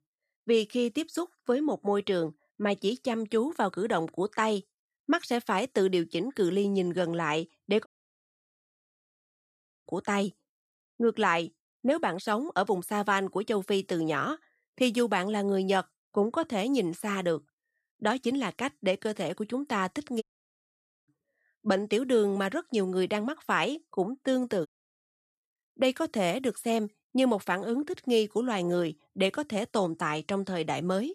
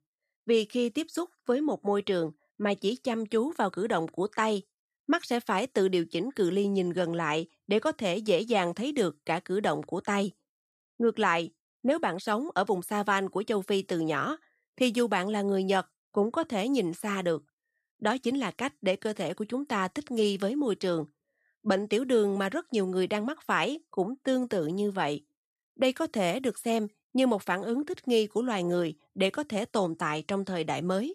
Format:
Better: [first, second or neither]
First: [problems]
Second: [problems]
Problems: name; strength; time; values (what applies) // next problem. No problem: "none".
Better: second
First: audio cutting out; at 8 s for 2 s, at 20 s for 1 s and at 25 s for 0.5 s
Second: none